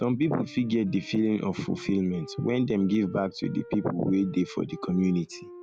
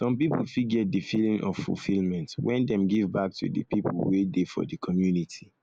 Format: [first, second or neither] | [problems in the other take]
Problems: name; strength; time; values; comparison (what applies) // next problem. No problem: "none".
second | background sound (Wind instrument, woodwind instrument); 19 dB below the speech